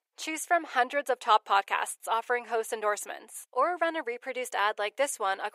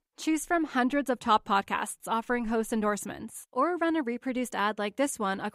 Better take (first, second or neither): second